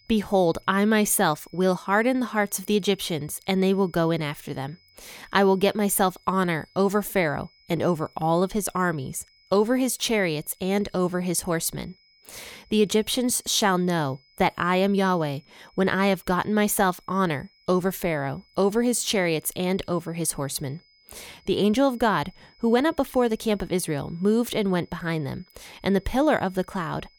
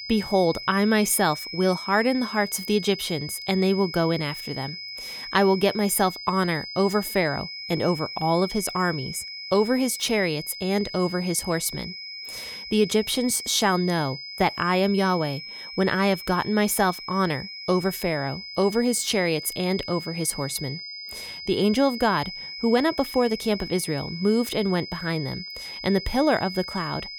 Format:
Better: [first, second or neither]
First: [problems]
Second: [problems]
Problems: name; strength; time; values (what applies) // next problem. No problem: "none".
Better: first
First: high-pitched whine; faint; throughout; 5 kHz, 30 dB below the speech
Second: high-pitched whine; loud; throughout; 5 kHz, 10 dB below the speech